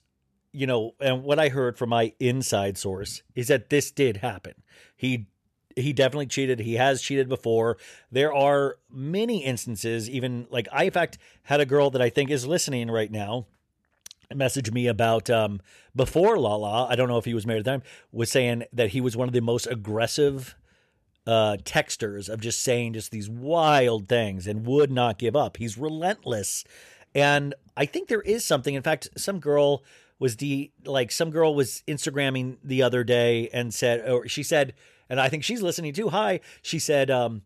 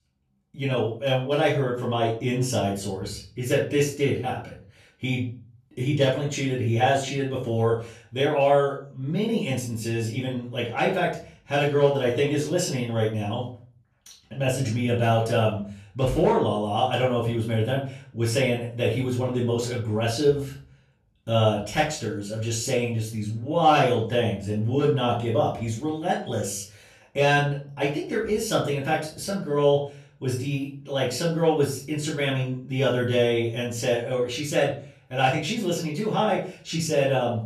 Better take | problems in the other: first | off-mic speech; far // room echo; slight; dies away in 0.4 s

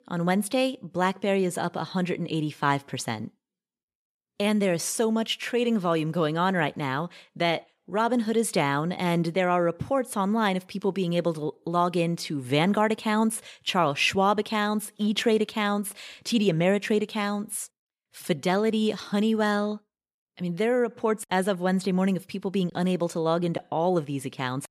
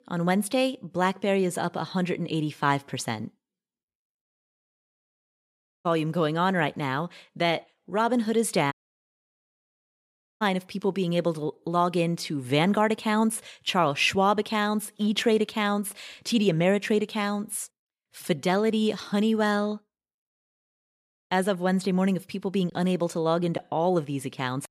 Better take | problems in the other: first | audio cutting out; at 4 s for 1.5 s, at 8.5 s for 1.5 s and at 20 s for 1 s

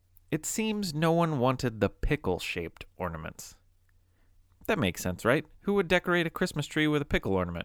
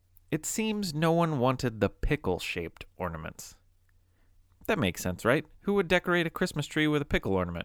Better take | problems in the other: neither | none

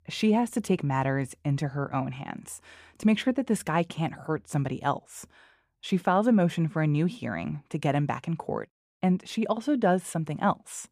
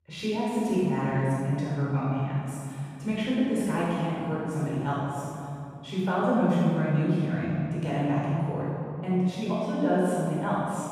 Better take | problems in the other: first | off-mic speech; far // room echo; strong; dies away in 2.5 s

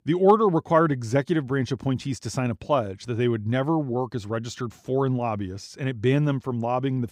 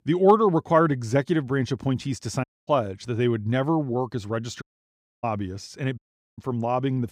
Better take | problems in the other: first | audio cutting out; at 2.5 s, at 4.5 s for 0.5 s and at 6 s

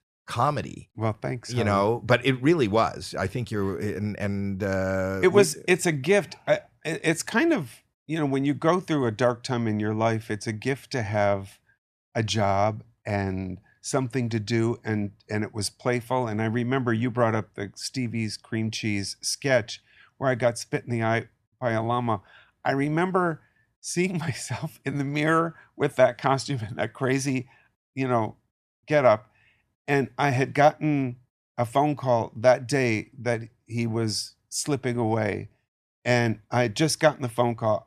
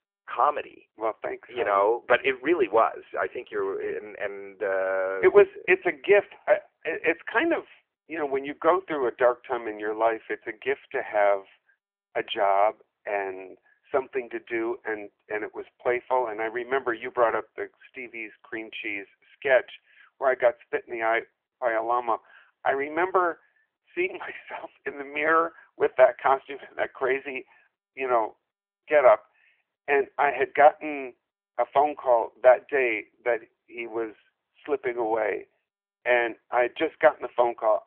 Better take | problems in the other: first | phone-call audio; nothing above 3 kHz

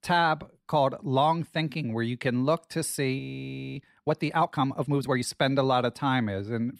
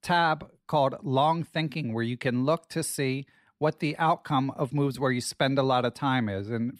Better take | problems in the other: second | audio freezing; at 3 s for 0.5 s

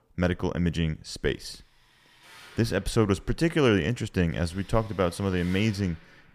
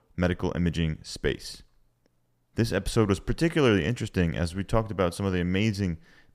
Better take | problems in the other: second | machinery noise; faint; throughout; 25 dB below the speech

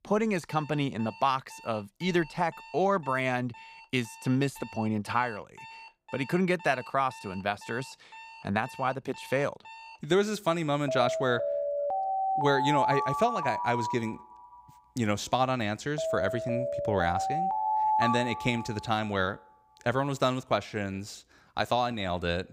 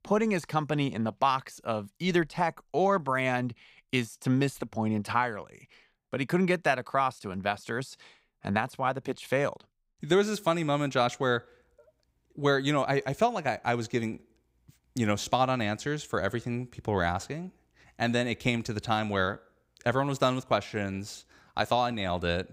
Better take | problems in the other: second | alarms or sirens; loud; throughout; 1 dB below the speech

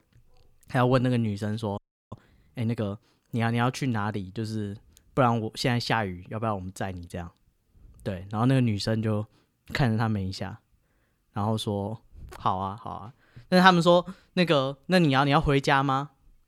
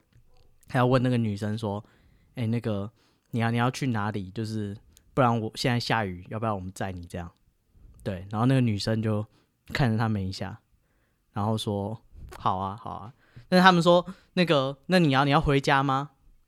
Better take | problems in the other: second | audio freezing; at 2 s

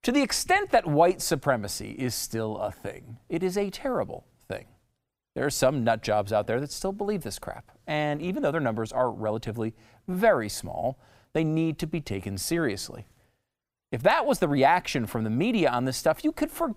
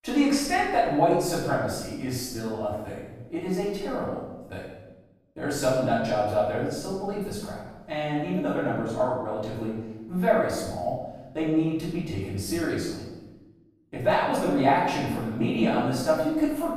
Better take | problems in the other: first | off-mic speech; far // room echo; noticeable; dies away in 1 s

